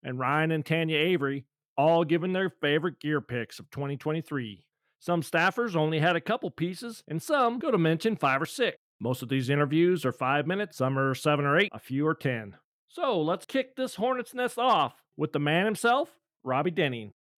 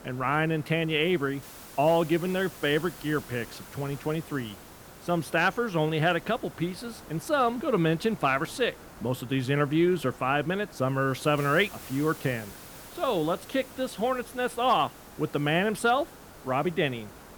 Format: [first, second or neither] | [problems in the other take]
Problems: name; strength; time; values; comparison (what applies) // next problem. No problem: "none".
first | hiss; noticeable; throughout; 20 dB below the speech